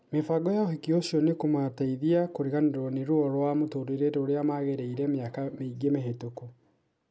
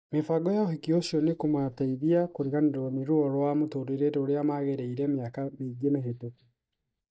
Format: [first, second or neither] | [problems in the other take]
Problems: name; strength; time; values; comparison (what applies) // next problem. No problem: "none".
first | noise reduction (neural mask model DeepFilterNet 3)